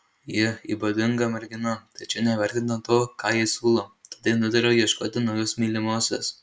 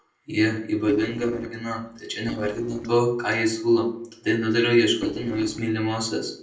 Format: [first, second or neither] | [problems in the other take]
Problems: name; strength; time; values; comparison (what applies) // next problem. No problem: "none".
first | noise reduction (neural separator model SepFormer DNS4)